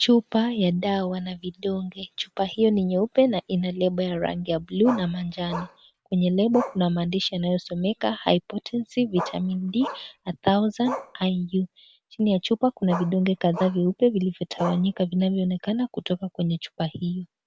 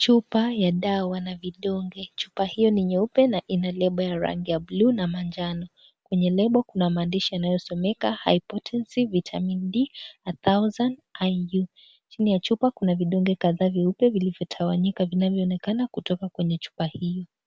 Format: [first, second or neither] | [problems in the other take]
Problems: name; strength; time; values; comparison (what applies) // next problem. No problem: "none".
second | background sound (Bark); 13 dB below the speech